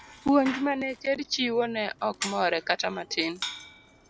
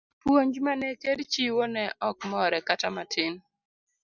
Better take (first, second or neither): second